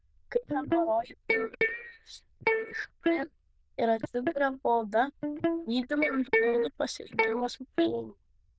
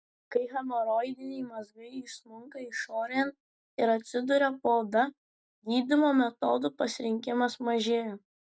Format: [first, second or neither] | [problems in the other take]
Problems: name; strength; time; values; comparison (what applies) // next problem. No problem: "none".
second | noise reduction (neural diffusion model UNIVERSE++)